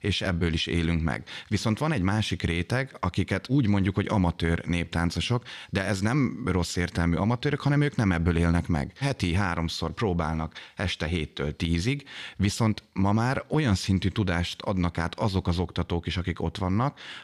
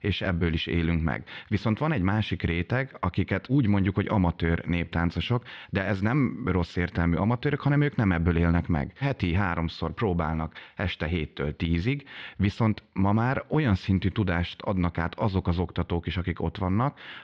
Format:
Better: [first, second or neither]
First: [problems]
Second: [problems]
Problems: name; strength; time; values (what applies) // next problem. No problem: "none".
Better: first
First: none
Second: muffled; slightly; fading above 3 kHz